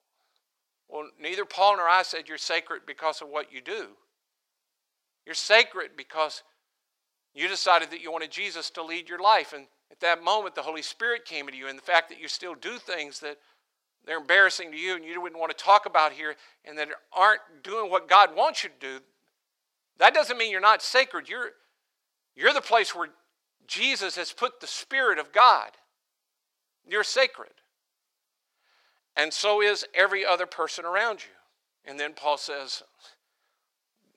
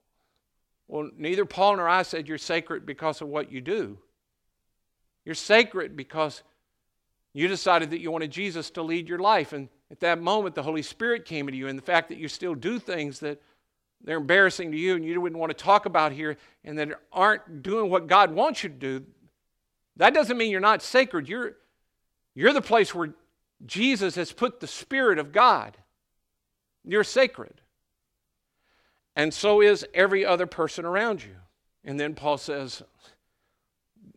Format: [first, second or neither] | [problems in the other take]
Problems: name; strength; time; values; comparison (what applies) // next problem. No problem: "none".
second | thin; very; fading below 750 Hz